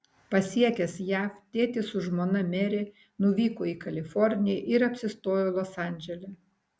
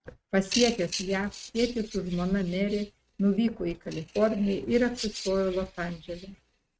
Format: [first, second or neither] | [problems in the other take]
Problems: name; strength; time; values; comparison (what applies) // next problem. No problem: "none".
first | noise reduction (neural mask model RNNoise)